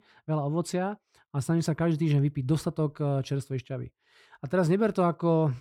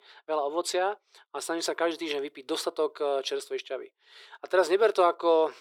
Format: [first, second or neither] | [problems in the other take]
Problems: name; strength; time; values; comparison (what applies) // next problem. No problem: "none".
first | thin; very; fading below 400 Hz